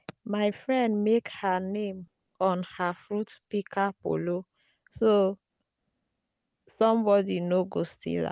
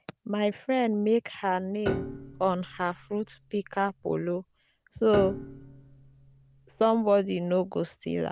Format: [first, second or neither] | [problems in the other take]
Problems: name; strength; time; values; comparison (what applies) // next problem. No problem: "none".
first | background sound (Piano); 11 dB below the speech